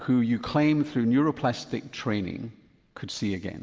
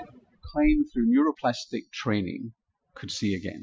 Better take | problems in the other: first | noise reduction (classical method Wiener filter)

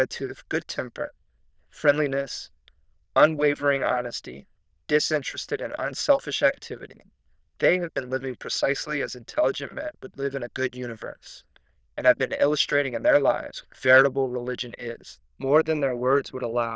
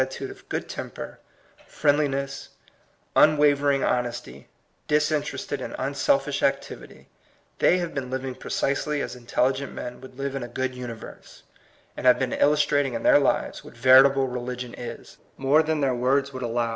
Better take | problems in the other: second | noise reduction (neural diffusion model UNIVERSE++)

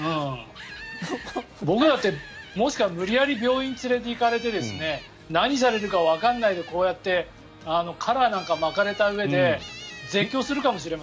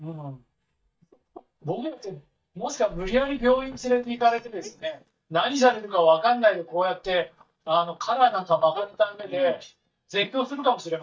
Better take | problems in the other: first | noise reduction (neural mask model DeepFilterNet 3)

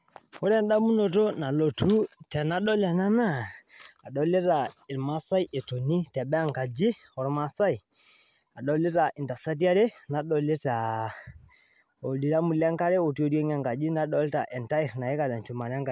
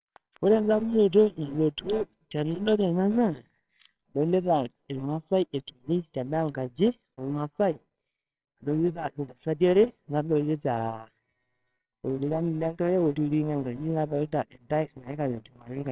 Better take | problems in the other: first | noise reduction (neural separator model SepFormer WHAMR!)

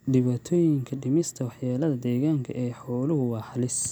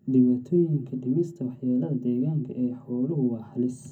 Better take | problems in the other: first | room echo; dies away in 0.3 s

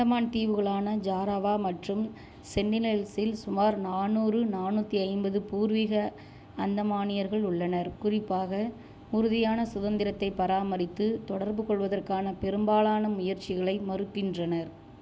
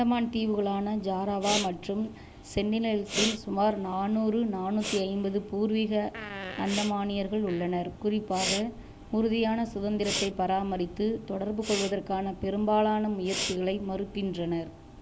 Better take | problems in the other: first | background sound (Fart + Respiratory sounds); 10 dB below the speech

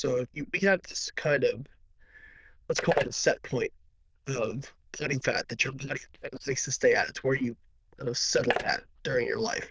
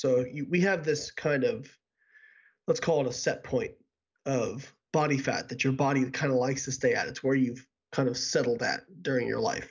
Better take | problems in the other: second | noise reduction (neural diffusion model UNIVERSE++)

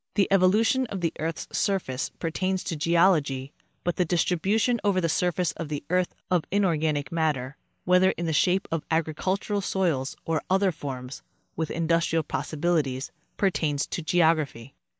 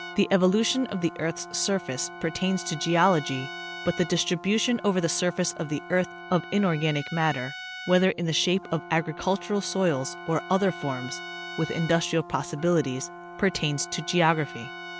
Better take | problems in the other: first | background sound (Trumpet + Brass instrument); 14 dB below the speech

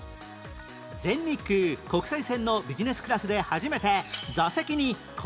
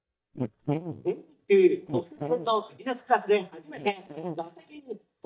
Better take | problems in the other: first | noise reduction (neural mask model DeepFilterNet 3)

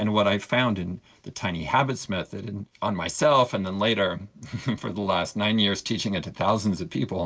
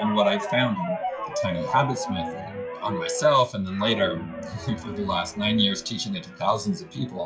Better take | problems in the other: first | noise reduction (classical method log-MMSE)

